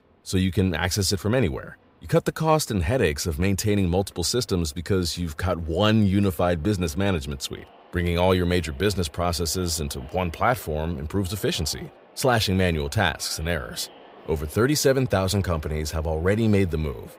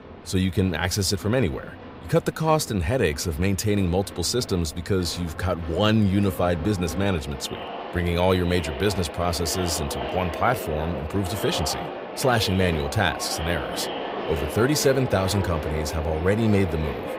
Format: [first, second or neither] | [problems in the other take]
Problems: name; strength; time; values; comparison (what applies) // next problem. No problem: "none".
first | crowd noise; loud; throughout; 9 dB below the speech; faint in the first